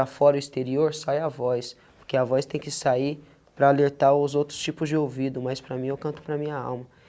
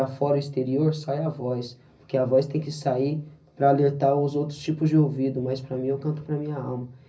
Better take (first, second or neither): first